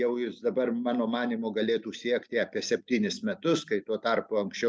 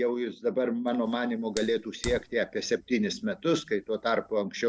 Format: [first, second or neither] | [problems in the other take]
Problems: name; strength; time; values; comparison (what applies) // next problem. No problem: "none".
first | background sound (Fire); 17 dB below the speech